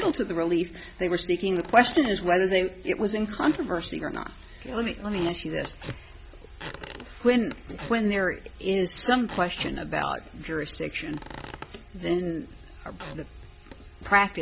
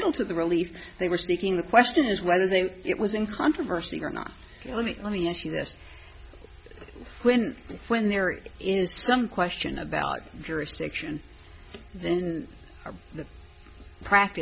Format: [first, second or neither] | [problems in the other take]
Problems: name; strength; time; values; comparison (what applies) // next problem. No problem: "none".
second | background sound (Squeak / Wood); 17 dB below the speech